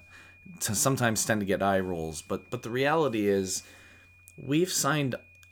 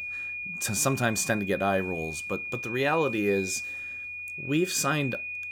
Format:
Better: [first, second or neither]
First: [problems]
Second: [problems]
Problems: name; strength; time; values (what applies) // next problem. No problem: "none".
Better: first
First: high-pitched whine; faint; throughout; 2.5 kHz, 25 dB below the speech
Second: high-pitched whine; loud; throughout; 2.5 kHz, 6 dB below the speech